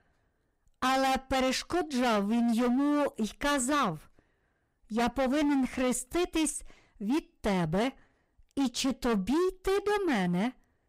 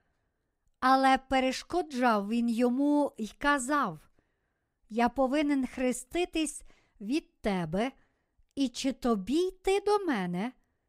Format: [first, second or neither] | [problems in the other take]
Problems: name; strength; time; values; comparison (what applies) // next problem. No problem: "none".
second | distortion; heavy; 21% of the sound clipped